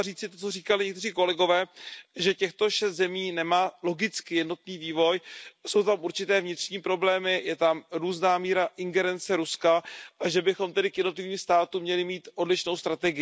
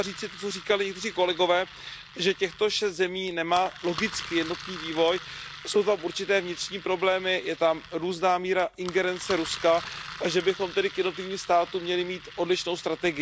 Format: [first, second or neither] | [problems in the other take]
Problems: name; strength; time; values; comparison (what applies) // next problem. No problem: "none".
first | background sound (Engine); 15 dB below the speech